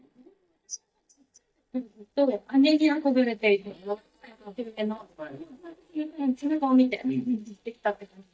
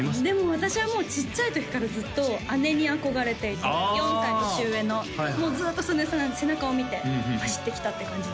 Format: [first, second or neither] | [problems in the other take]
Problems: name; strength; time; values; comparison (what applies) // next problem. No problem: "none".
second | noise reduction (neural mask model DeepFilterNet 3)